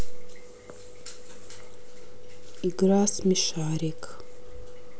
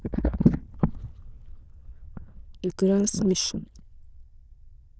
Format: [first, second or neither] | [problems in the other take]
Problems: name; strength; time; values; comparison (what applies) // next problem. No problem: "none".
first | noise reduction (neural diffusion model UNIVERSE++)